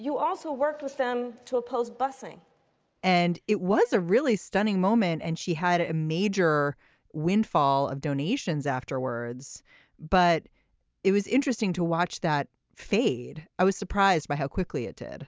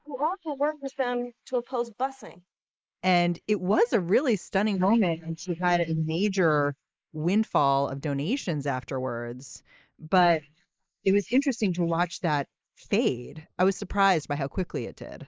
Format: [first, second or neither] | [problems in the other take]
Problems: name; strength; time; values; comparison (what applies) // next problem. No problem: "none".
first | noise reduction (neural mask model Resemble Enhance denoiser)